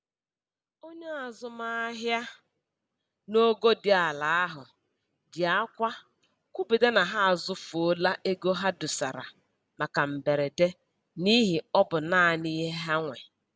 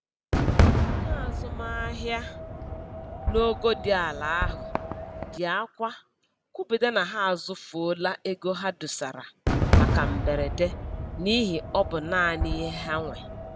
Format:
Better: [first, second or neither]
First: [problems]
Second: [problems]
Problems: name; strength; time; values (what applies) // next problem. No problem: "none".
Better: first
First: none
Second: background sound (Fireworks); 1 dB above the speech